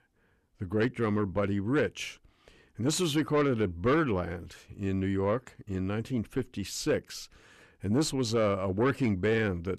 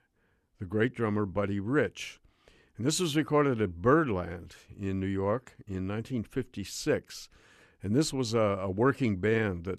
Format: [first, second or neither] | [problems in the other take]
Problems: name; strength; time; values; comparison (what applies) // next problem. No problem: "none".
second | distortion; slight; 10 dB below the speech